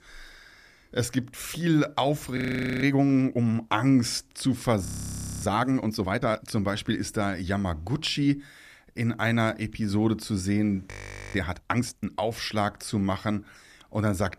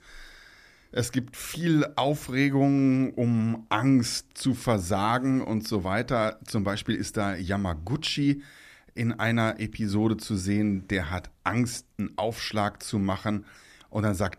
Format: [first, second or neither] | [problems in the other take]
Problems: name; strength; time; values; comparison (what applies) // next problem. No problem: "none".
second | audio freezing; at 2.5 s, at 5 s for 0.5 s and at 11 s